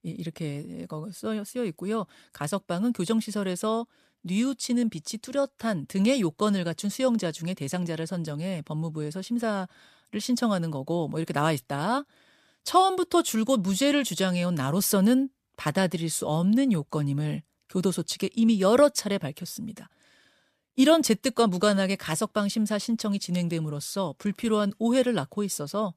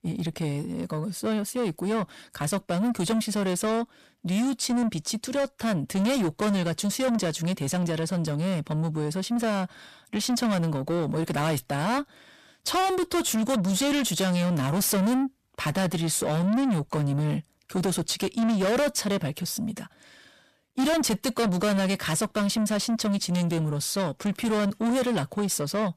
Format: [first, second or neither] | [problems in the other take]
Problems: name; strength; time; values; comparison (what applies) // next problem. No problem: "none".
first | distortion; heavy; 7 dB below the speech